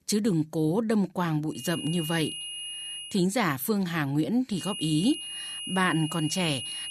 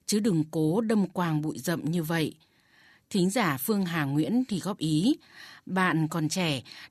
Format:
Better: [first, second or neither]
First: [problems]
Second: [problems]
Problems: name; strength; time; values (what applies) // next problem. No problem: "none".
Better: second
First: high-pitched whine; loud; from 1.5 to 3 s and from 4.5 s on; 3 kHz, 7 dB below the speech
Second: none